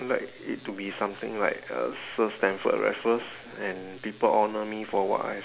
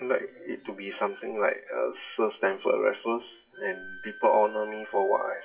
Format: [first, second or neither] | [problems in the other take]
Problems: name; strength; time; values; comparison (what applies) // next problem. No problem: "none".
first | noise reduction (classical method WPE with log-MMSE)